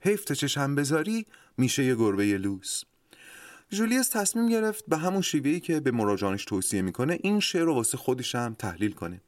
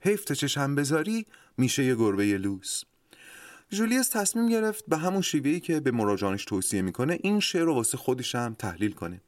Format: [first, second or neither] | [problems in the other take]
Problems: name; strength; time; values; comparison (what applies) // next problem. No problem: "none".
neither | none